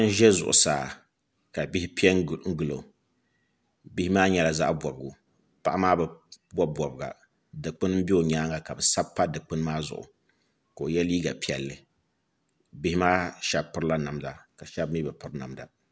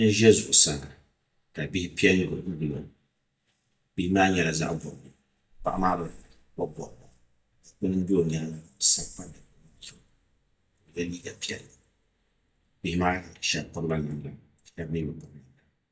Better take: first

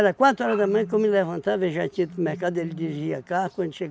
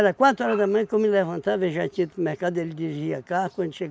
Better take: second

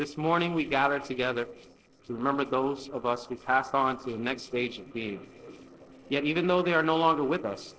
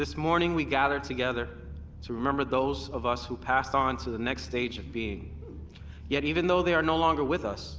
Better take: second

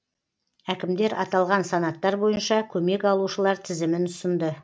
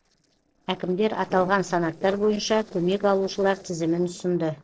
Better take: first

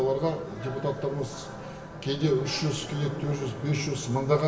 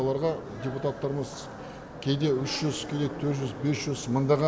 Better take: second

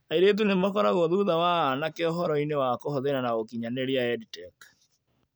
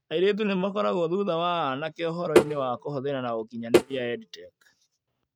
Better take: first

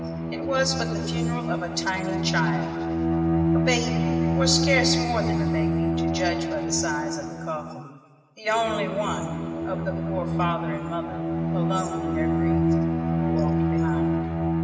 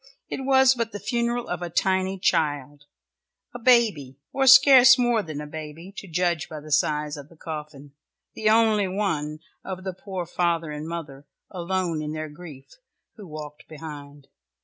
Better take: second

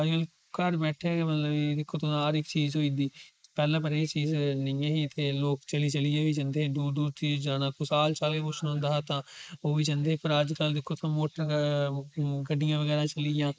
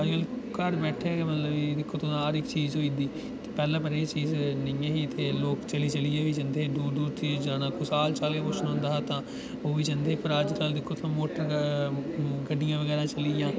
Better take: second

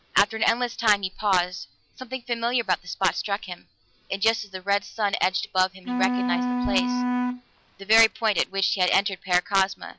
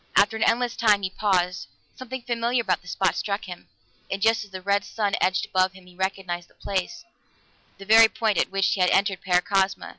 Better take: second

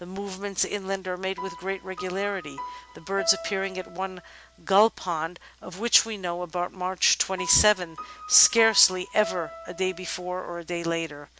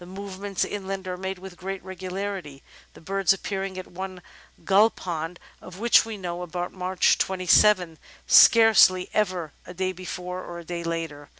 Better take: second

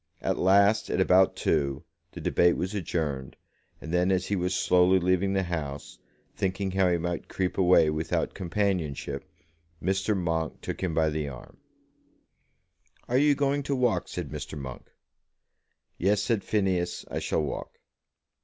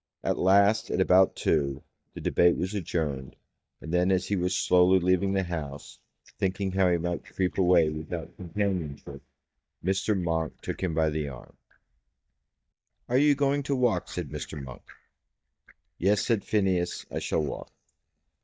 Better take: first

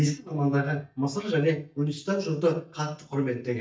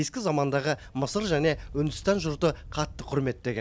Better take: second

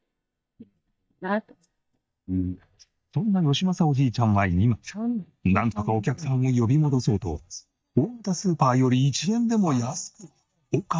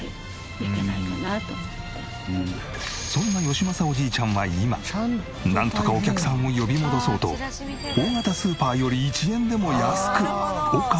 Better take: second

